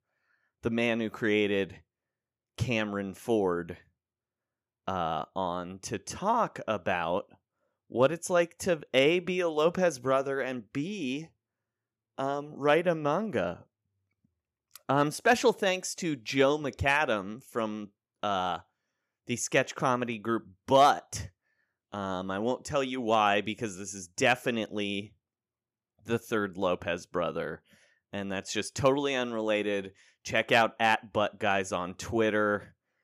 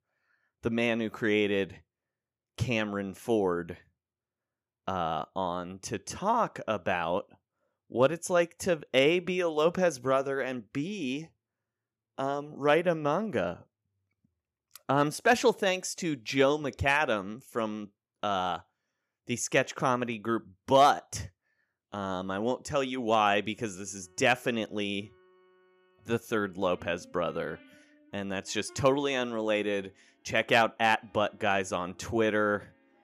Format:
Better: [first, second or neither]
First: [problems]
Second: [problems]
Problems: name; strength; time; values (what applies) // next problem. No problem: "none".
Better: first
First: none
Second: background music; faint; from 23 s on; 30 dB below the speech